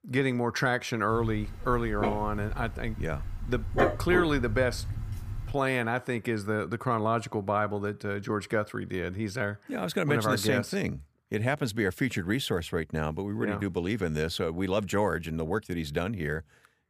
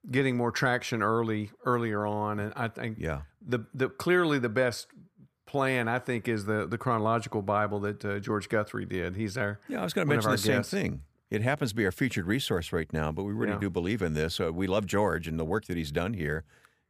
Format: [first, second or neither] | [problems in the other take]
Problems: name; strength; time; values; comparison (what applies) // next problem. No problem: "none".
second | dog barking; loud; from 1 to 5.5 s; peak 2 dB above the speech